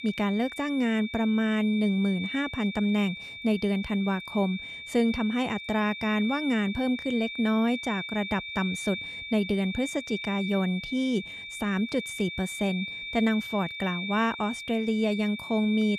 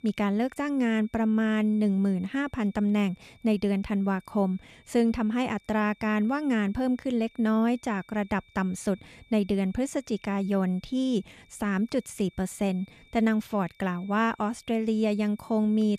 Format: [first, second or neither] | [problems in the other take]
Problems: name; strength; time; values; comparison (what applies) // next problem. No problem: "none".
second | high-pitched whine; loud; throughout; 2.5 kHz, 8 dB below the speech; faint in the second